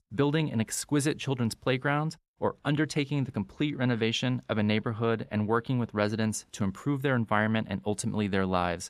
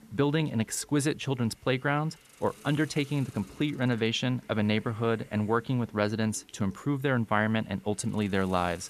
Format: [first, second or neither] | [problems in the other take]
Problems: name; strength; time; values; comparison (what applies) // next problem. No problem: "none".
first | hiss; faint; throughout; 25 dB below the speech